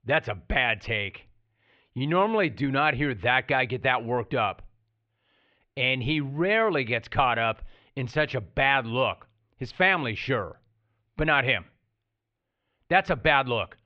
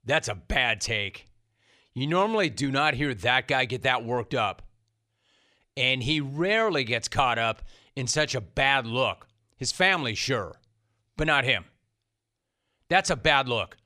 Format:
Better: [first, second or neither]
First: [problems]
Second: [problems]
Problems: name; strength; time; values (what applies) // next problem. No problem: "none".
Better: second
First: muffled; very; fading above 3 kHz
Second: none